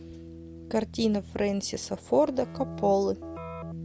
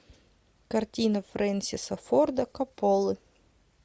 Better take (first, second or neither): second